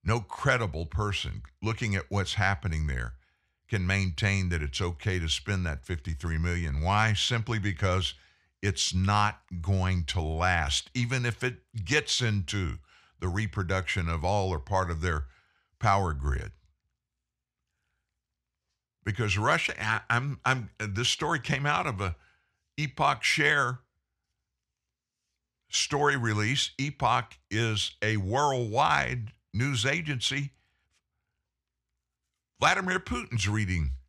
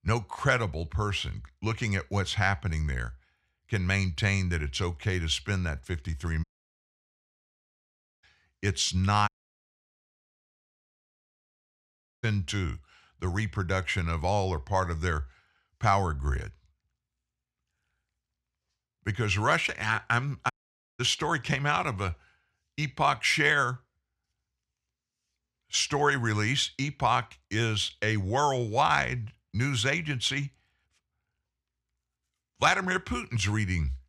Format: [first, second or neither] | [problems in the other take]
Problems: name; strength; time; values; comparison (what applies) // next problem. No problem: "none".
first | audio cutting out; at 6.5 s for 2 s, at 9.5 s for 3 s and at 21 s